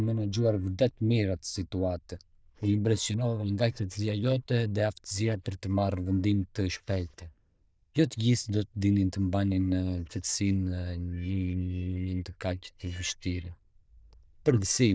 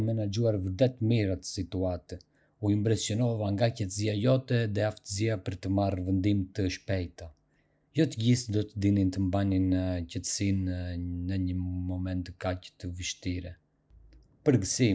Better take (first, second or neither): second